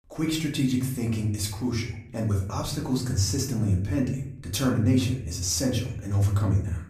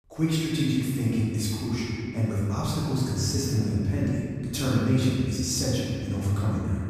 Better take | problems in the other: first | room echo; strong; dies away in 2.2 s; slight in the first // off-mic speech; far; far in the first

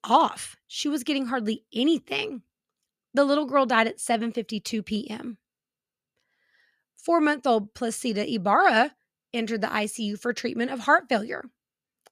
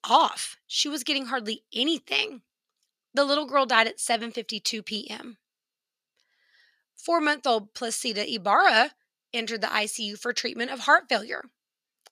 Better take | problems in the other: first | thin; very slightly; fading below 600 Hz

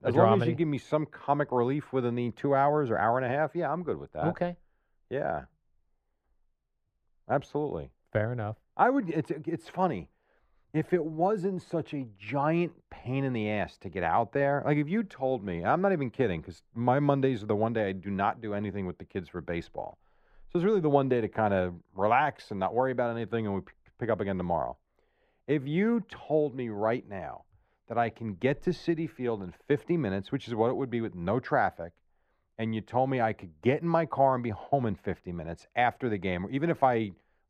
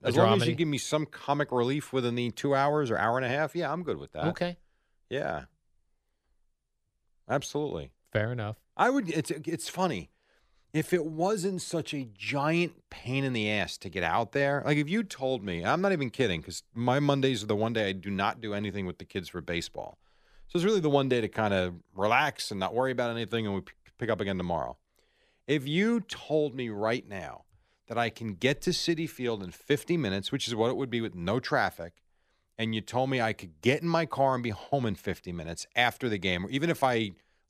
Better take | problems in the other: second | muffled; very; fading above 3 kHz

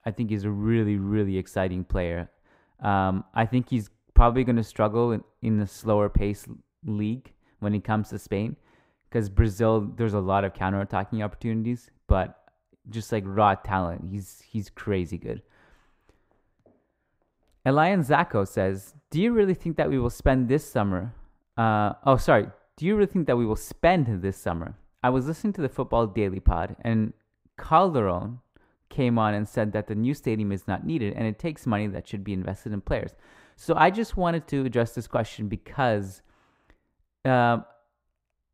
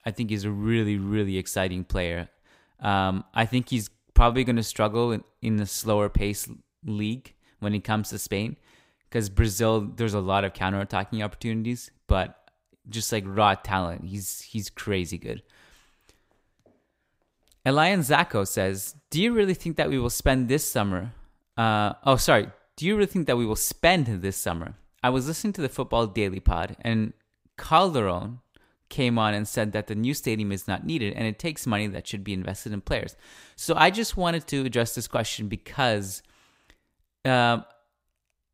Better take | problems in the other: second | muffled; slightly; fading above 2.5 kHz

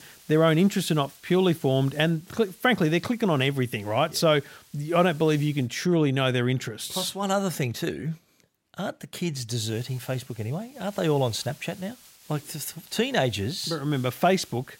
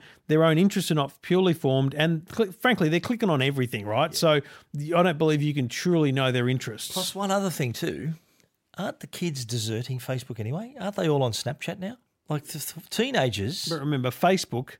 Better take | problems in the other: second | hiss; faint; until 5.5 s and from 9.5 s on; 25 dB below the speech

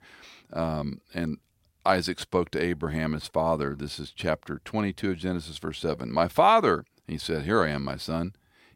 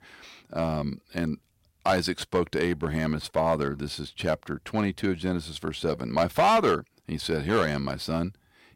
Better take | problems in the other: first | distortion; slight; 2% of the sound clipped

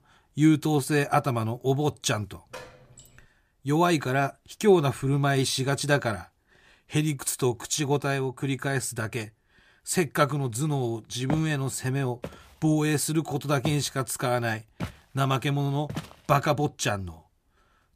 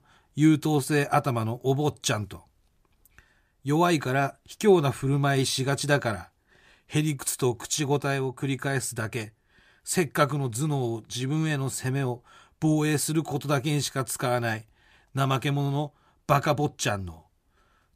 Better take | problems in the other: second | door banging; faint; at 2.5 s; peak 15 dB below the speech // footsteps; noticeable; from 11 to 16 s; peak 9 dB below the speech

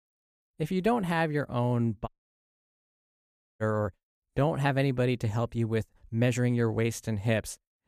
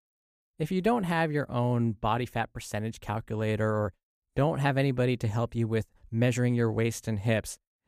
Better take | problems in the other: second | audio cutting out; at 2 s for 1.5 s

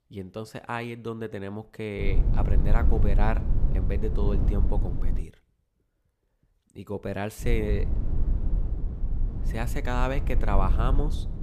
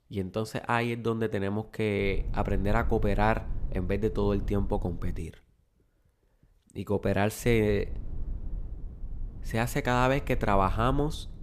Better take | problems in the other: second | low rumble; loud; from 2 to 5 s and from 7.5 s on; 9 dB below the speech; faint in the second

